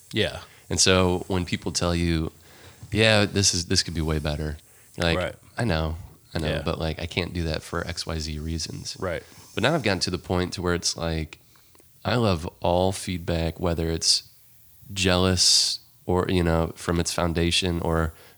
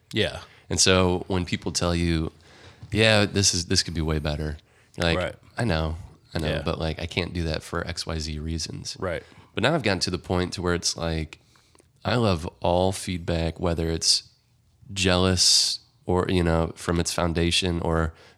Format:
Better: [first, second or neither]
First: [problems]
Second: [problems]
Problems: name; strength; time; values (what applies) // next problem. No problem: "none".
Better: second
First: hiss; faint; throughout; 25 dB below the speech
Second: none